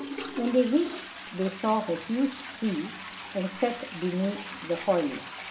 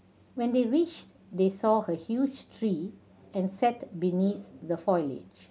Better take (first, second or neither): second